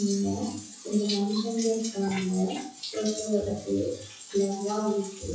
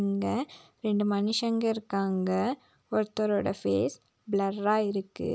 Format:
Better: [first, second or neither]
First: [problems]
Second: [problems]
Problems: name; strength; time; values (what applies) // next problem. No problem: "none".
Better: second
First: noise reduction (classical method WPE with log-MMSE)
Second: none